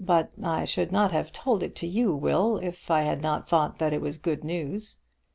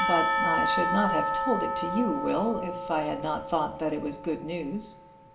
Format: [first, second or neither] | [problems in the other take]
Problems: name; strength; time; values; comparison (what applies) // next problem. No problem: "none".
first | background sound (Church bell / Percussion); as loud as the speech // room echo; dies away in 1.7 s